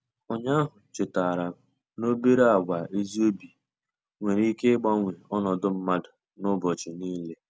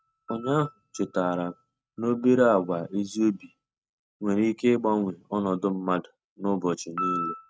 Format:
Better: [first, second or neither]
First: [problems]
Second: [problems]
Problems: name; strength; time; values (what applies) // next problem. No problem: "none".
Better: first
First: none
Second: noise reduction (neural mask model RNNoise)